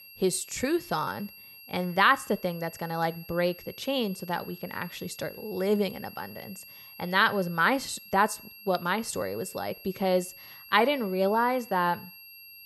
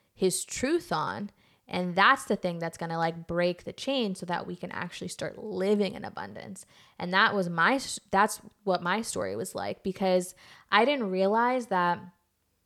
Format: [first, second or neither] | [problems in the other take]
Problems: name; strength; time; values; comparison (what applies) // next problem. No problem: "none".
second | high-pitched whine; noticeable; throughout; 11.5 kHz, 20 dB below the speech